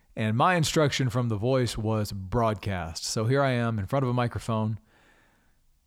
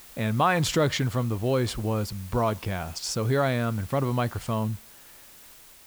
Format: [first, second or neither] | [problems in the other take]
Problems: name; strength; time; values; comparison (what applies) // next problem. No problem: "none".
first | hiss; noticeable; throughout; 20 dB below the speech